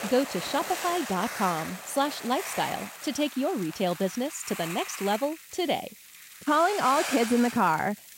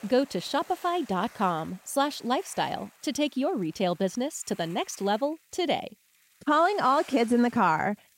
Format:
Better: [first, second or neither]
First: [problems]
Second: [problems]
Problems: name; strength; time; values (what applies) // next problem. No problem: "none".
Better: second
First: hiss; loud; throughout; 9 dB below the speech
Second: hiss; faint; throughout; 25 dB below the speech